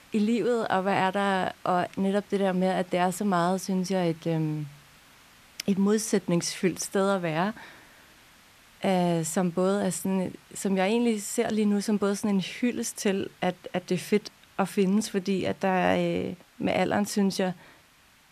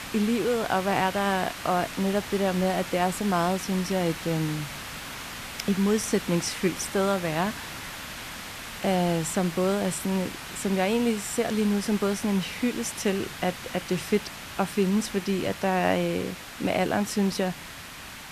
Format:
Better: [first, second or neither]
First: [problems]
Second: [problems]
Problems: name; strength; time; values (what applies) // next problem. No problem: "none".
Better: first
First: hiss; faint; throughout; 25 dB below the speech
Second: hiss; loud; throughout; 10 dB below the speech